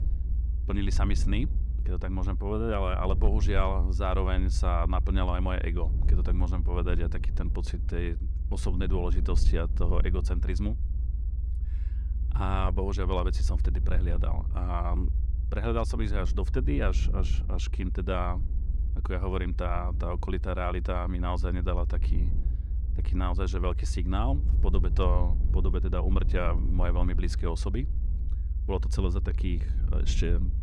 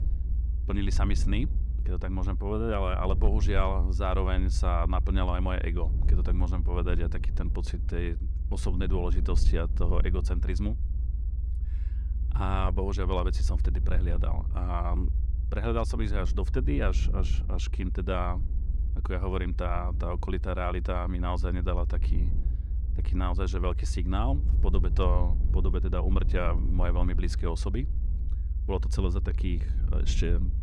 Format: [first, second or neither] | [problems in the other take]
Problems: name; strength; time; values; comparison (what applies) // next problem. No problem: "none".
neither | low rumble; noticeable; throughout; 15 dB below the speech; the same in both